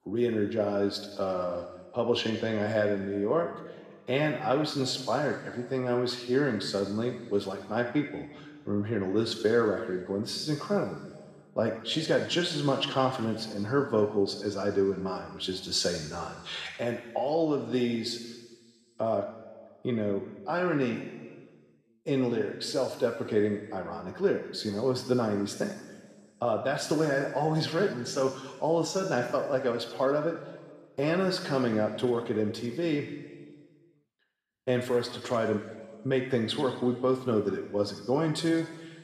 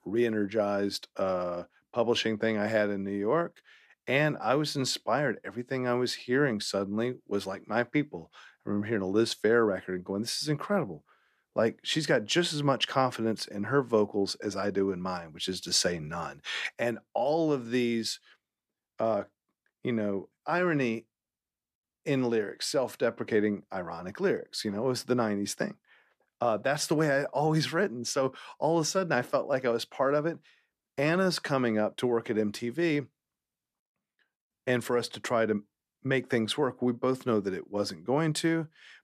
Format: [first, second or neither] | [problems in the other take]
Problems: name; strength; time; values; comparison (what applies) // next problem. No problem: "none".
second | room echo; noticeable; dies away in 1.5 s // off-mic speech; somewhat distant